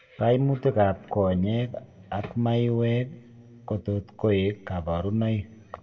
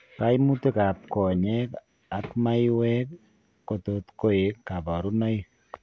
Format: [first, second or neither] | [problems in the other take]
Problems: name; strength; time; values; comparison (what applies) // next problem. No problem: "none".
second | room echo; dies away in 1.1 s